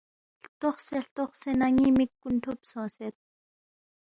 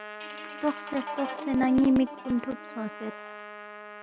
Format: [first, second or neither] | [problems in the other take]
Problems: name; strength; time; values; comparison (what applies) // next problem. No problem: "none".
first | background sound (Guitar + Trumpet); 11 dB below the speech